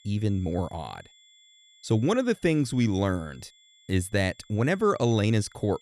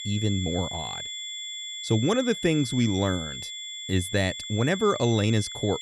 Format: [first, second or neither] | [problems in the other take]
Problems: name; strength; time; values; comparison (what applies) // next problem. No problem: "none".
first | high-pitched whine; loud; throughout; 3.5 kHz, 8 dB below the speech; faint in the first